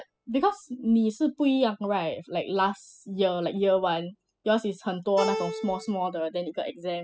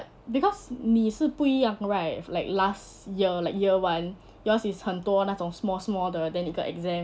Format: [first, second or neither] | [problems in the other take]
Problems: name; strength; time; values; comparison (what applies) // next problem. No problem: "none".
second | noise reduction (classical method spectral subtraction)